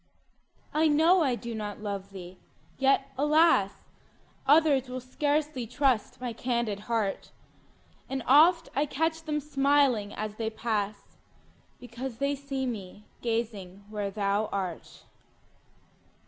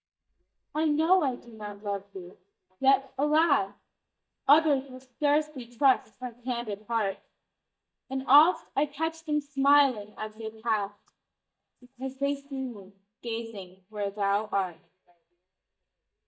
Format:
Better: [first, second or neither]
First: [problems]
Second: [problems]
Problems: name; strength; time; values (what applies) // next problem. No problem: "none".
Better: first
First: none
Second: noise reduction (neural mask model DeepFilterNet 3)